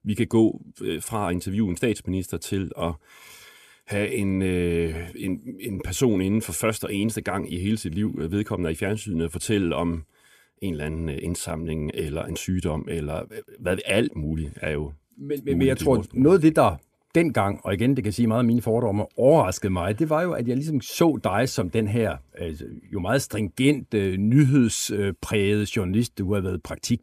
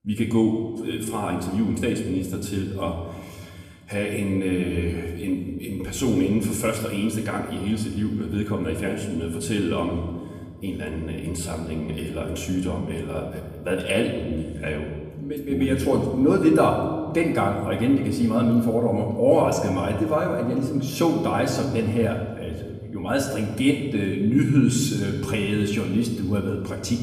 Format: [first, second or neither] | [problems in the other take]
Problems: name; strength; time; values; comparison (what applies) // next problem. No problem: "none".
first | room echo; slight; dies away in 1.5 s // off-mic speech; somewhat distant